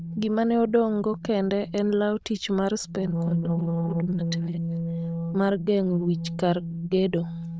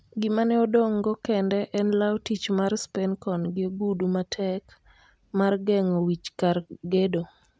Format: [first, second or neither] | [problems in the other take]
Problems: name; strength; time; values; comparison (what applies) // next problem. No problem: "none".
second | noise reduction (neural diffusion model UNIVERSE++)